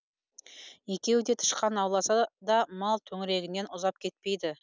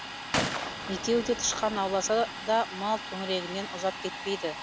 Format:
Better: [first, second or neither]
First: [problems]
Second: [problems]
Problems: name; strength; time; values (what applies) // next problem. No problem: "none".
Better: first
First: none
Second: background sound (Gunshot, gunfire + Domestic sounds, home sounds); 6 dB below the speech